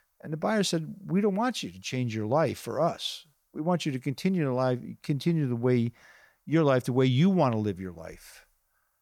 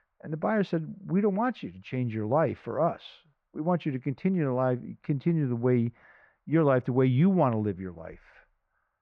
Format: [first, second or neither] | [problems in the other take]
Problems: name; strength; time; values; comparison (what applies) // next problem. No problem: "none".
first | muffled; very; fading above 2 kHz